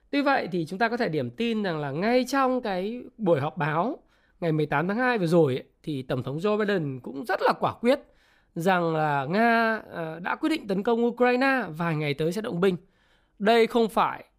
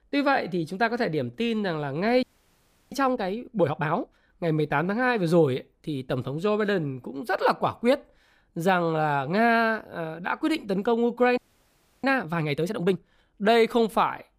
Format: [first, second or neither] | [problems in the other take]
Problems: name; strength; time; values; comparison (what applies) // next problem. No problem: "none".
first | audio freezing; at 2 s for 0.5 s and at 11 s for 0.5 s